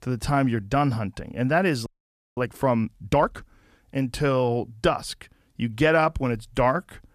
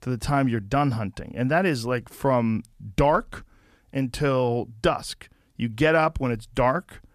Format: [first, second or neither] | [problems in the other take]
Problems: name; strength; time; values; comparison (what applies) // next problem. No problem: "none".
second | audio freezing; at 2 s for 0.5 s